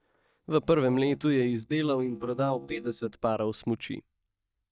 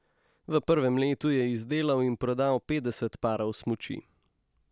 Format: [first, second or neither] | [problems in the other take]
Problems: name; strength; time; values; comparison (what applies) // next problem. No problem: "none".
second | noise reduction (neural mask model DeepFilterNet 3)